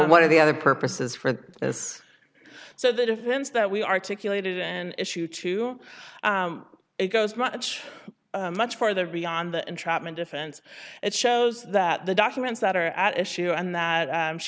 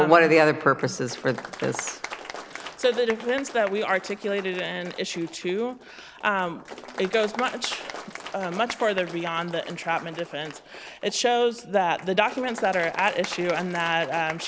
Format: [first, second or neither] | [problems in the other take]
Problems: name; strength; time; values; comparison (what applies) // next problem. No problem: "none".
first | background sound (Applause); 14 dB below the speech